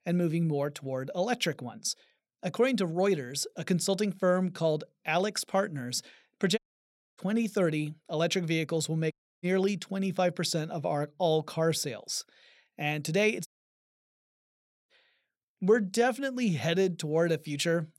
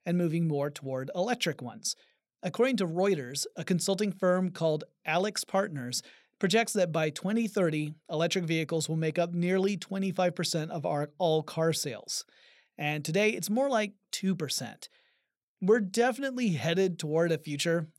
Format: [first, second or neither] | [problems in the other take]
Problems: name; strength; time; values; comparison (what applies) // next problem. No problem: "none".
second | audio cutting out; at 6.5 s for 0.5 s, at 9 s and at 13 s for 1.5 s